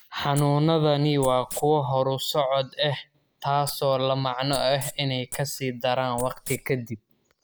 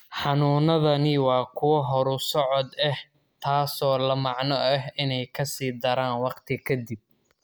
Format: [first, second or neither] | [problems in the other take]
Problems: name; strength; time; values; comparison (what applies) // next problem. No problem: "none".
second | background sound (Wild animals); 15 dB below the speech